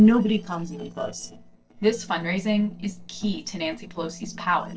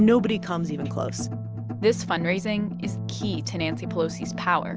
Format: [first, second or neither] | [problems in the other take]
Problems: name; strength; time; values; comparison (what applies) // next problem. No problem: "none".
second | noise reduction (neural separator model SepFormer DNS4)